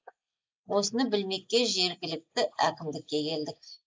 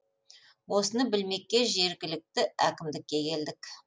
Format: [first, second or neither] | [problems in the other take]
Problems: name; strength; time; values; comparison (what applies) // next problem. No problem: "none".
second | noise reduction (neural mask model Resemble Enhance denoiser)